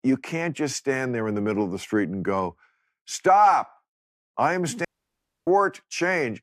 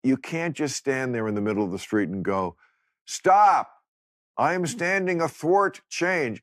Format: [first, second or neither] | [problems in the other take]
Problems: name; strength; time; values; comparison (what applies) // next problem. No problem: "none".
second | audio cutting out; at 5 s for 0.5 s